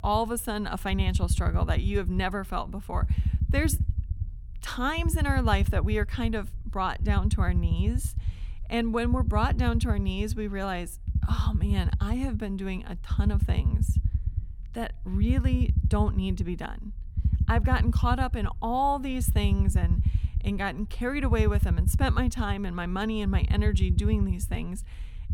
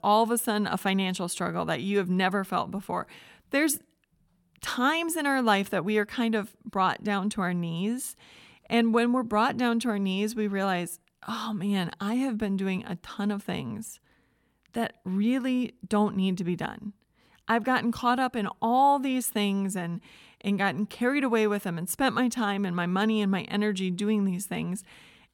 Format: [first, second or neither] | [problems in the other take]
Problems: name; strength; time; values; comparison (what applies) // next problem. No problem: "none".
second | low rumble; noticeable; throughout; 15 dB below the speech